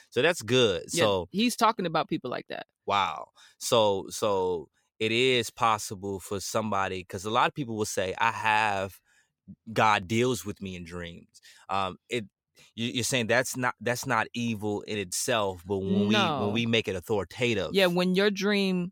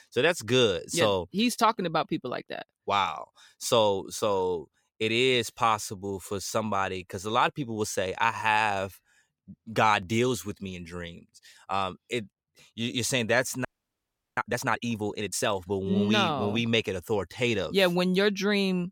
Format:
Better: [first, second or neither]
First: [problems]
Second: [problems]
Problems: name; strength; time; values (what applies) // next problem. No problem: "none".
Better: first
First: none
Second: audio freezing; at 14 s for 0.5 s